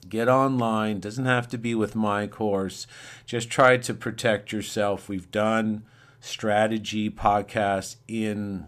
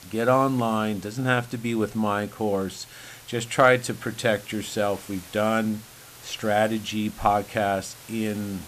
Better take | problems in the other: first | hiss; noticeable; throughout; 20 dB below the speech

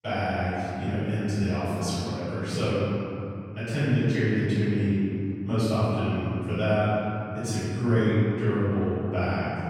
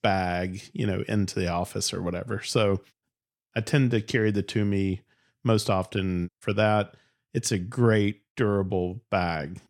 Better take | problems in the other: second | off-mic speech; far // room echo; strong; dies away in 3 s

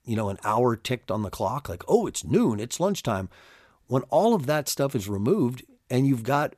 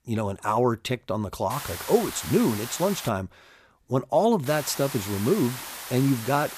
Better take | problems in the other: first | hiss; loud; from 1.5 to 3 s and from 4.5 s on; 10 dB below the speech

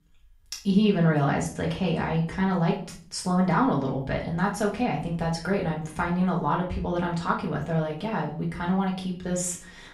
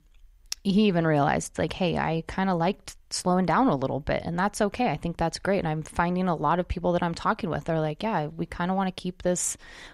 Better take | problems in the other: second | off-mic speech; far // room echo; slight; dies away in 0.4 s

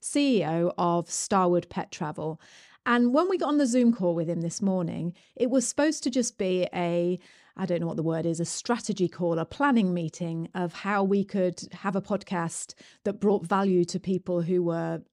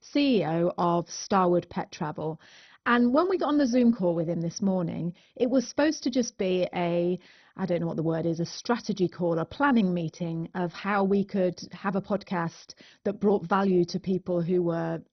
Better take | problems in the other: first | garbled, watery; badly; nothing above 6 kHz

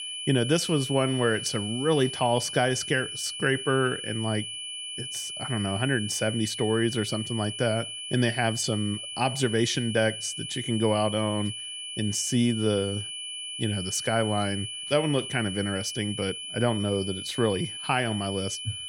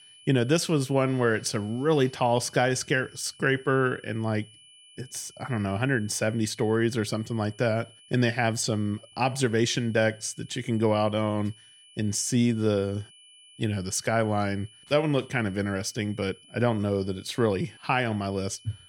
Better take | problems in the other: second | high-pitched whine; loud; throughout; 3 kHz, 6 dB below the speech; faint in the second

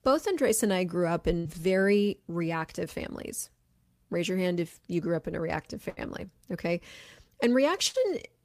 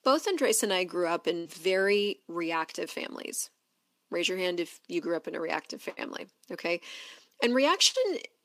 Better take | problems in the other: first | thin; very slightly; fading below 250 Hz

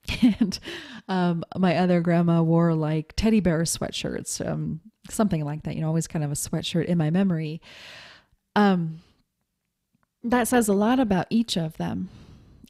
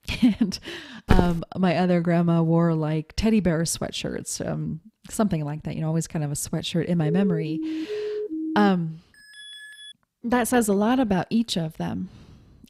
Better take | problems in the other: first | footsteps; noticeable; at 1 s; peak level with the speech // siren; noticeable; from 7 to 8.5 s; peak 5 dB below the speech // alarm; faint; at 9 s; peak 15 dB below the speech

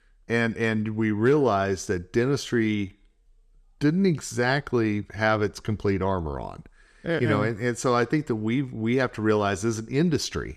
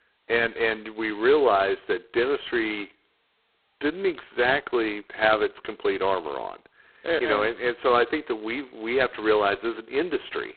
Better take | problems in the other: first | phone-call audio; poor line; nothing above 4 kHz

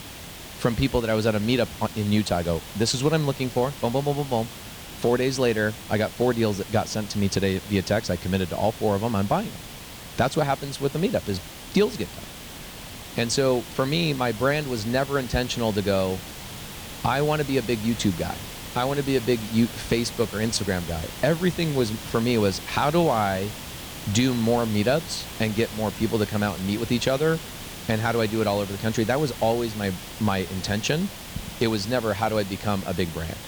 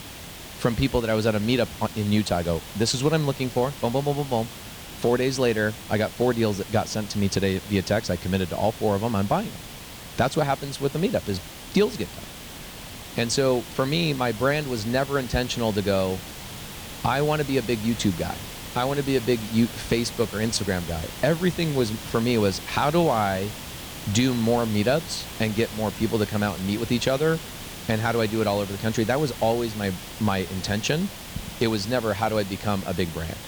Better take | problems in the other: neither | hiss; noticeable; throughout; 10 dB below the speech; the same in both

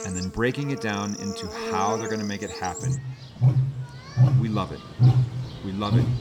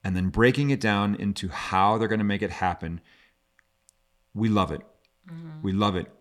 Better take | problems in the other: second | animal sounds; very loud; throughout; 4 dB above the speech

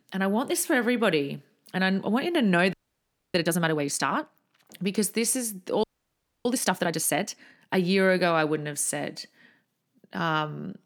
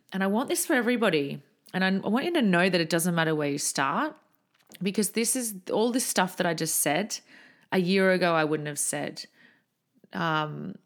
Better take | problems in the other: second | audio freezing; at 2.5 s for 0.5 s and at 6 s for 0.5 s

